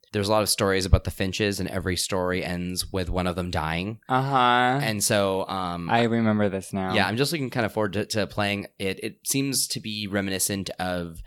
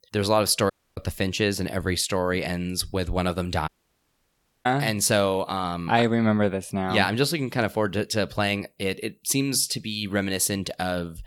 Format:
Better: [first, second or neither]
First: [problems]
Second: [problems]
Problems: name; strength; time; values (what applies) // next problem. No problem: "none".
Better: first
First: none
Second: audio cutting out; at 0.5 s and at 3.5 s for 1 s